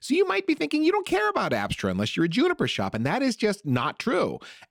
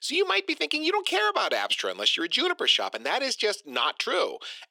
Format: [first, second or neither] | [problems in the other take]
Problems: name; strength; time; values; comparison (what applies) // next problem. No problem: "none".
first | thin; very; fading below 400 Hz